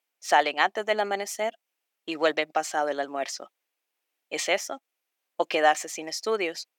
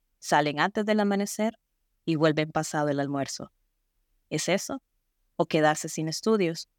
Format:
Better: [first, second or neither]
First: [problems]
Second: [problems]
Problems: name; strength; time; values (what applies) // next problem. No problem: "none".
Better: second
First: thin; very; fading below 400 Hz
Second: none